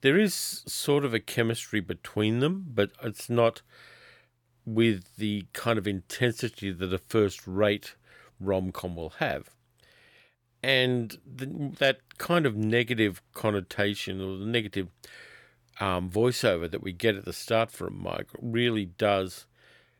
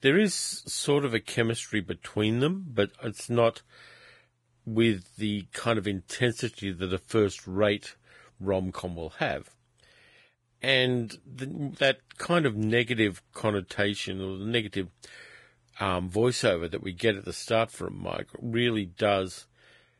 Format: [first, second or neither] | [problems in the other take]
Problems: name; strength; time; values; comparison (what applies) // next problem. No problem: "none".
first | garbled, watery; badly; nothing above 10.5 kHz